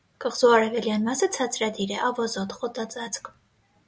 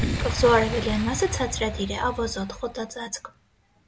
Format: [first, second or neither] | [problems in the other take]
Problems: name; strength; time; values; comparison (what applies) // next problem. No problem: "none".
first | background sound (Boom); 5 dB below the speech